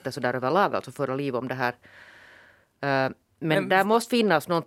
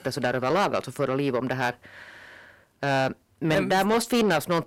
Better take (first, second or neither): first